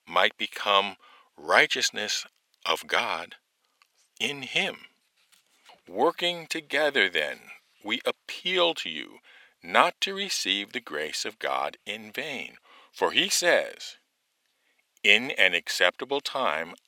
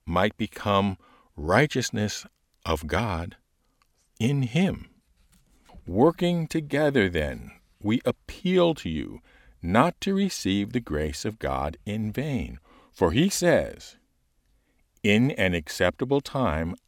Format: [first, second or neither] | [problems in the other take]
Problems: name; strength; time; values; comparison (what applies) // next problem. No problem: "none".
second | thin; very; fading below 550 Hz